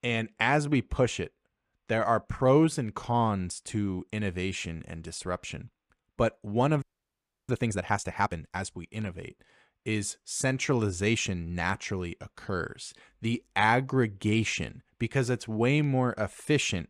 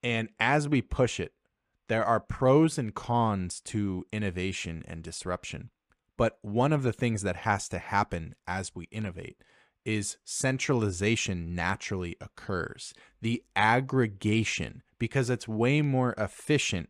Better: second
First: audio freezing; at 7 s for 0.5 s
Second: none

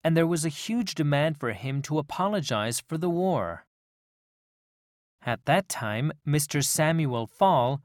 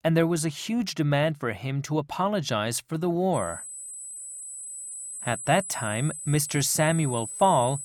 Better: first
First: none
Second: high-pitched whine; loud; from 3.5 s on; 8 kHz, 9 dB below the speech

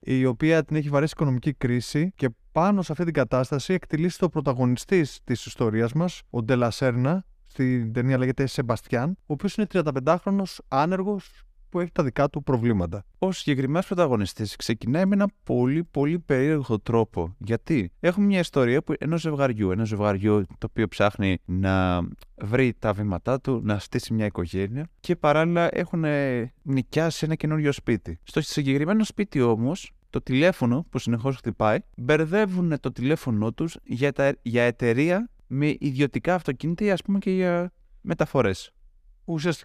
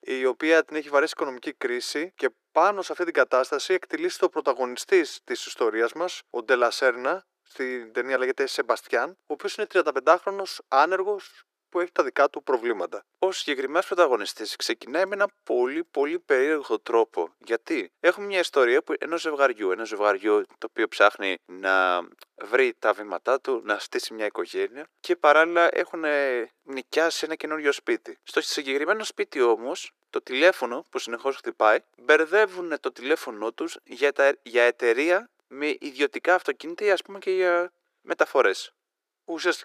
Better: first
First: none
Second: thin; very; fading below 350 Hz

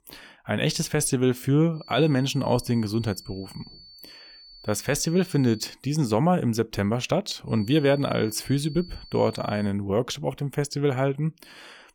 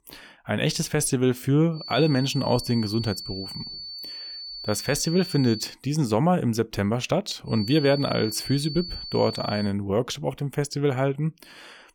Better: first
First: high-pitched whine; faint; from 2 to 5.5 s and from 7.5 to 9.5 s; 4.5 kHz, 20 dB below the speech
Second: high-pitched whine; loud; from 2 to 5.5 s and from 7.5 to 9.5 s; 4.5 kHz, 10 dB below the speech

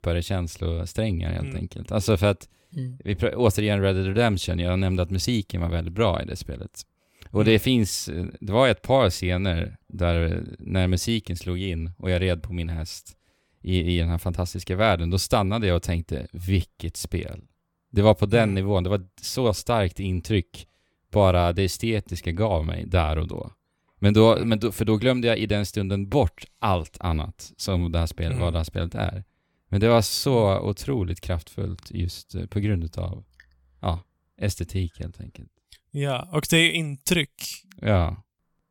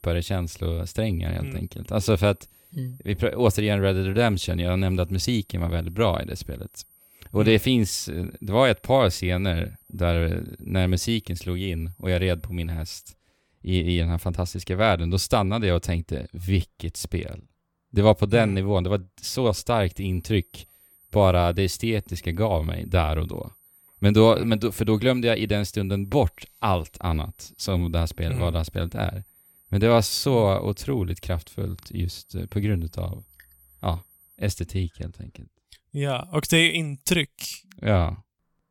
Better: first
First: none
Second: high-pitched whine; faint; until 13 s and from 20 to 34 s; 12 kHz, 30 dB below the speech

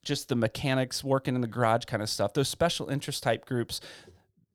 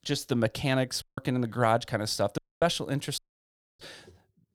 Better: first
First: none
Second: audio cutting out; at 1 s, at 2.5 s and at 3 s for 0.5 s

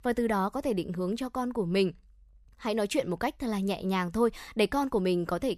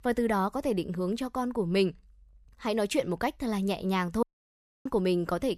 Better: first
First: none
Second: audio cutting out; at 4 s for 0.5 s

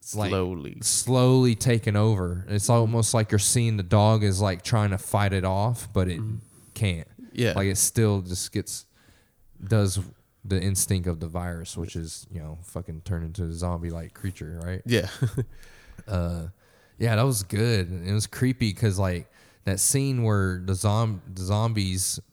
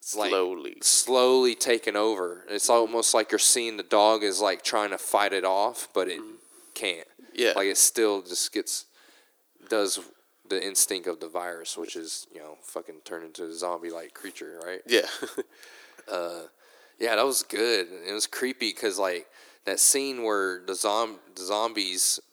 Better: first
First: none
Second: thin; very; fading below 300 Hz

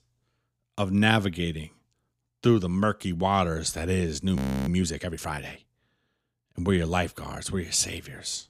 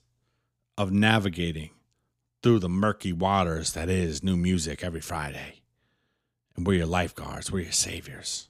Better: second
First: audio freezing; at 4.5 s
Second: none

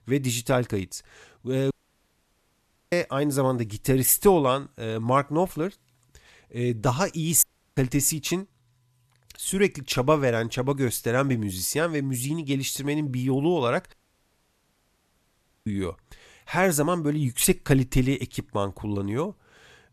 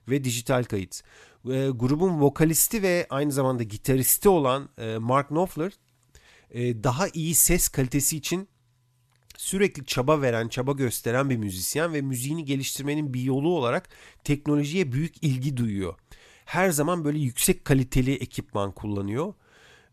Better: second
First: audio cutting out; at 1.5 s for 1 s, at 7.5 s and at 14 s for 1.5 s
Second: none

